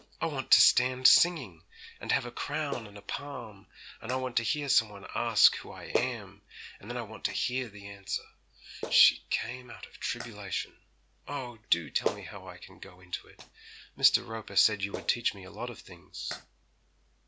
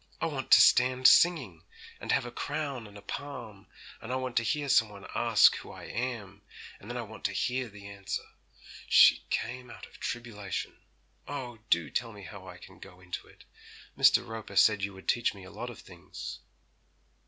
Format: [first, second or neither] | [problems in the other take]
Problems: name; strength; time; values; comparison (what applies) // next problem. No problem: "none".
second | background sound (Clapping); 12 dB below the speech